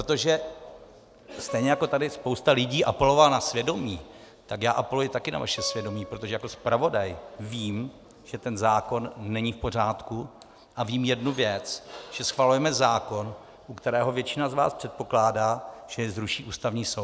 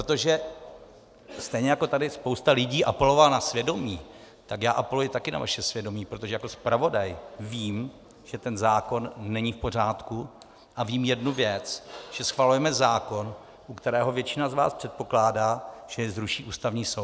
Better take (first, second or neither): second